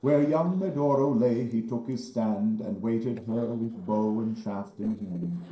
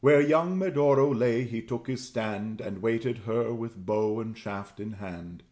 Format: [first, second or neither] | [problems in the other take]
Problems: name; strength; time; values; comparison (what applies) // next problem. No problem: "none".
second | noise reduction (neural separator model SepFormer DNS4)